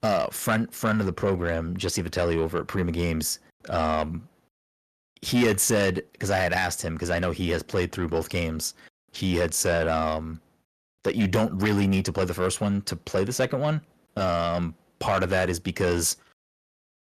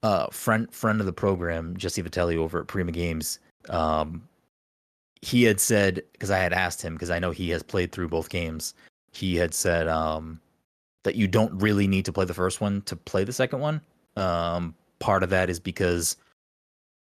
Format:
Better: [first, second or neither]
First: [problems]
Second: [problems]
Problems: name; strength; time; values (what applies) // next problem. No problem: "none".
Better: second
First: distortion; slight; 10 dB below the speech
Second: none